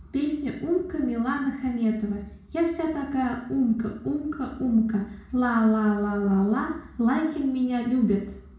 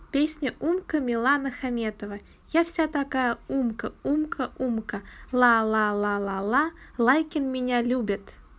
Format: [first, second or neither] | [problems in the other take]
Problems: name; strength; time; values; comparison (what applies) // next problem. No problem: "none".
second | room echo; dies away in 0.6 s